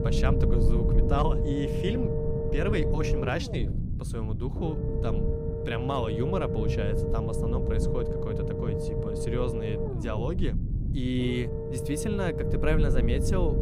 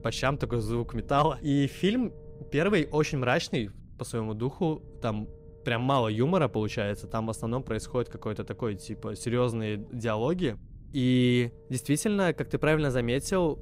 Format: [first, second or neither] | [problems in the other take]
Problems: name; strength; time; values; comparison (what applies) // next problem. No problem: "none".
second | low rumble; loud; throughout; as loud as the speech; faint in the second